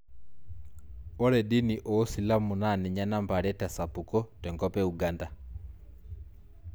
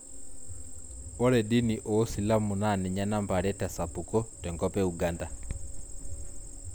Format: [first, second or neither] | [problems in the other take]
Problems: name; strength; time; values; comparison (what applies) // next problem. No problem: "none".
first | background sound (Cricket); 12 dB below the speech